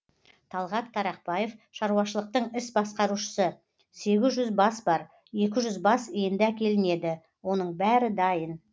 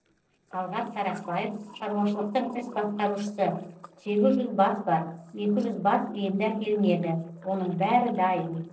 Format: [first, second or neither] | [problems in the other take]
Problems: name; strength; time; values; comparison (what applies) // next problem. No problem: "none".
first | noise reduction (neural separator model SepFormer DNS4)